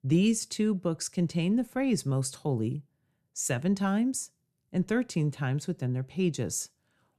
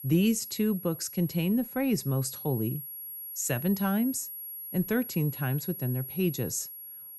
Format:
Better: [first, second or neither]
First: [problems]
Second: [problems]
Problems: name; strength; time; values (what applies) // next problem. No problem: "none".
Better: first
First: none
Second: high-pitched whine; loud; throughout; 11.5 kHz, 9 dB below the speech